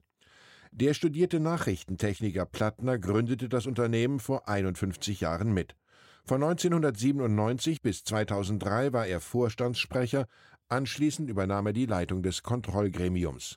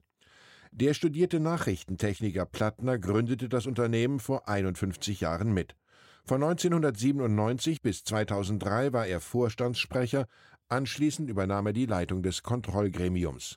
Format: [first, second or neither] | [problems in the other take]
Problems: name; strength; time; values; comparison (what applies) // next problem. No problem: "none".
neither | none